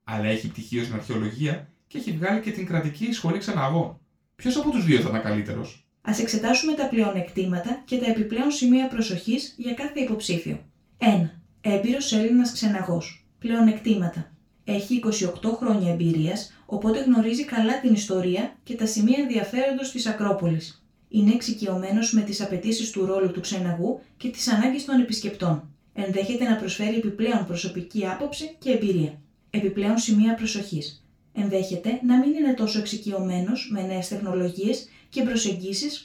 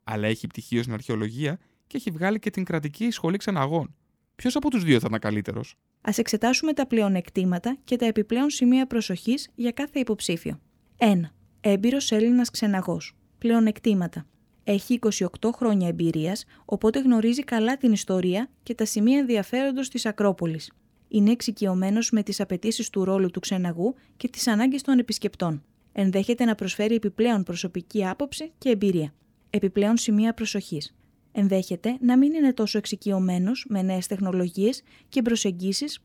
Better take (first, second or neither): second